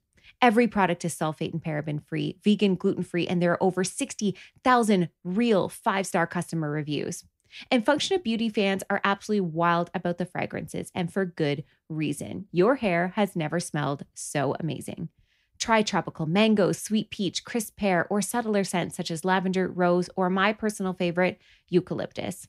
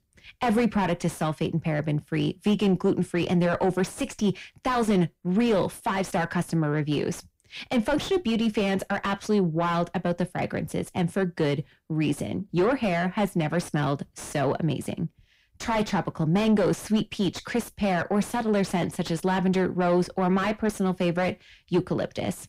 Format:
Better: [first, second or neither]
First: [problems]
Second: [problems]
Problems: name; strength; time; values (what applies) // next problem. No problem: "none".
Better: first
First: none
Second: distortion; heavy; 6 dB below the speech